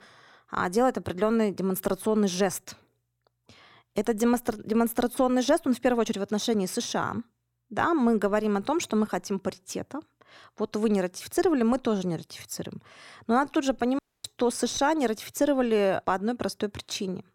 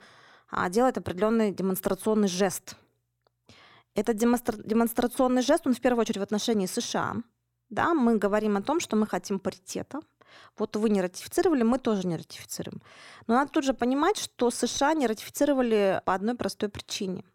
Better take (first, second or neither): second